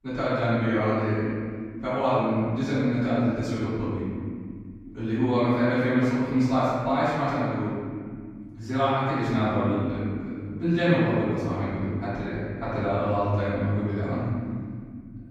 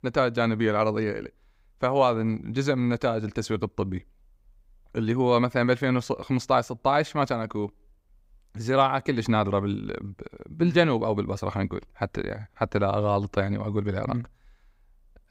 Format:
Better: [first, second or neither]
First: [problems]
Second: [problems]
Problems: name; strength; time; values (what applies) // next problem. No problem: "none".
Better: second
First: off-mic speech; far // room echo; strong; dies away in 2.5 s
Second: none